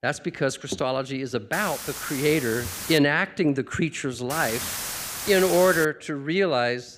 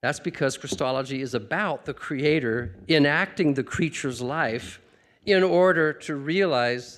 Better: second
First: hiss; loud; from 1.5 to 3 s and from 4.5 to 6 s; 7 dB below the speech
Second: none

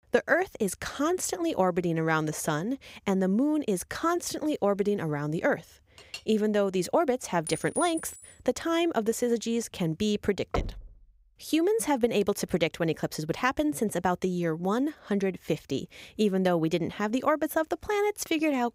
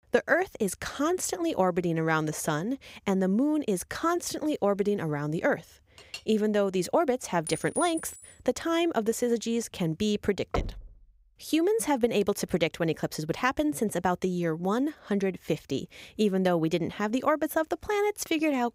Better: neither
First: clattering dishes; faint; at 6 s; peak 15 dB below the speech // clattering dishes; noticeable; at 7.5 s; peak 8 dB below the speech // door banging; noticeable; at 11 s; peak 6 dB below the speech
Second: clattering dishes; faint; at 6 s; peak 15 dB below the speech // clattering dishes; noticeable; at 7.5 s; peak 8 dB below the speech // door banging; noticeable; at 11 s; peak 6 dB below the speech

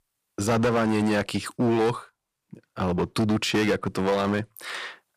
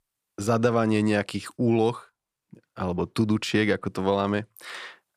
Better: second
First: distortion; heavy; 12% of the sound clipped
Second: none

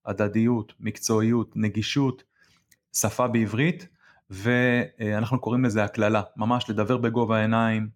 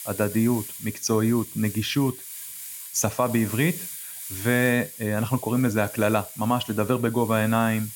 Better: first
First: none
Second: hiss; noticeable; throughout; 10 dB below the speech

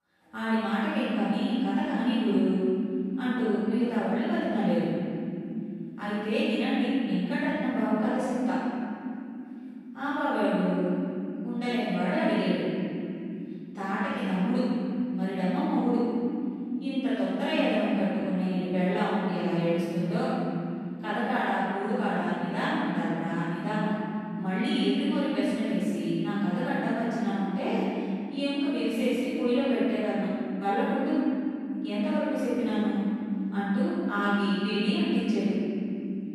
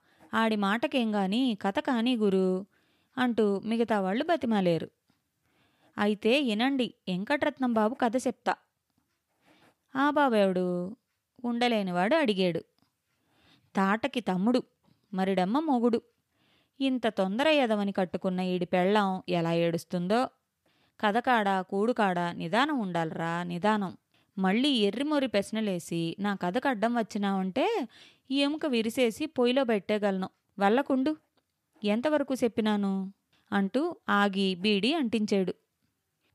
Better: second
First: room echo; strong; dies away in 3 s // off-mic speech; far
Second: none

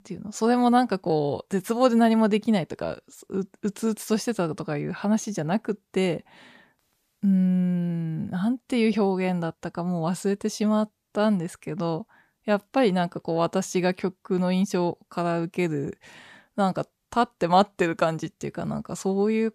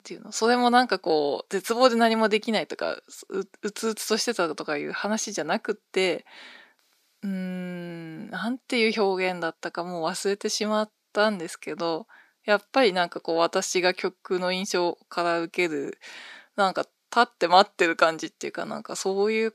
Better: first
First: none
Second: thin; somewhat; fading below 300 Hz

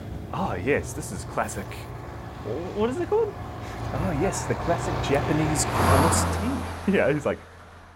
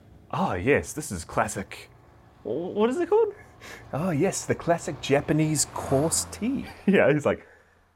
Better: second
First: traffic noise; loud; throughout; 2 dB below the speech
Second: traffic noise; faint; throughout; 20 dB below the speech

